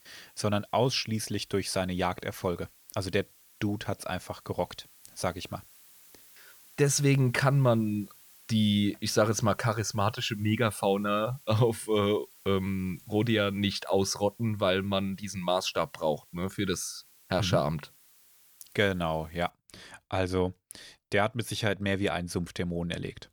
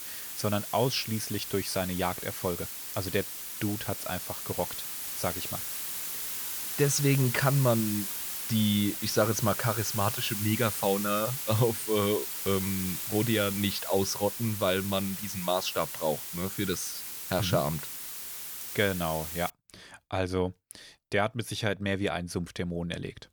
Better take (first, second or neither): first